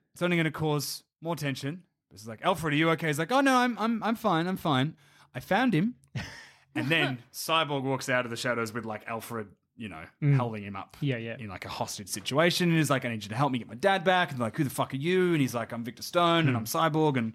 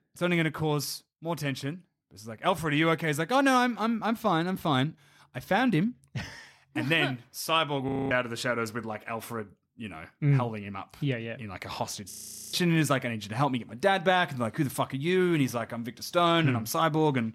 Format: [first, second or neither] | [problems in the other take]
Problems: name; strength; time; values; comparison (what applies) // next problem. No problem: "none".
first | audio freezing; at 8 s and at 12 s